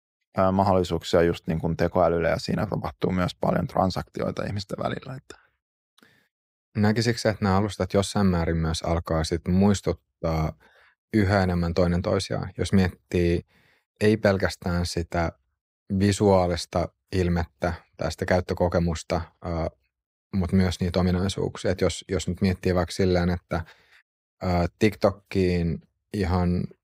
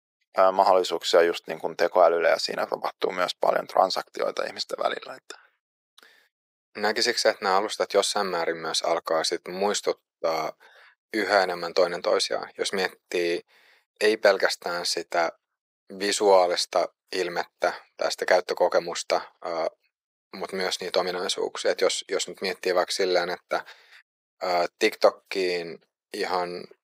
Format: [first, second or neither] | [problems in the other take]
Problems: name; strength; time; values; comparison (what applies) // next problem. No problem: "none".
first | thin; very; fading below 450 Hz